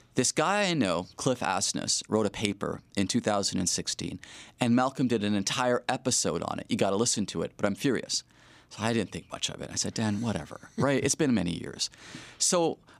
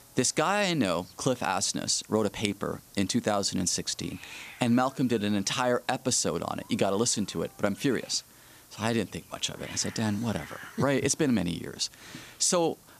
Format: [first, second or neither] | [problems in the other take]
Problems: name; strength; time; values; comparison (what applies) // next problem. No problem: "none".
first | hiss; faint; throughout; 20 dB below the speech